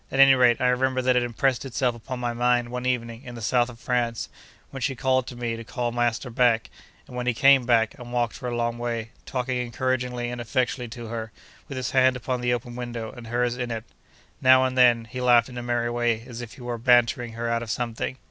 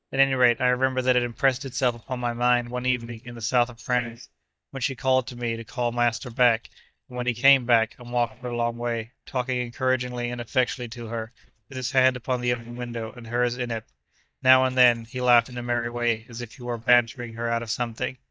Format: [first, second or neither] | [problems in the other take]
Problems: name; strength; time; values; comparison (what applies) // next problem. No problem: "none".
first | noise reduction (neural mask model DeepFilterNet 3)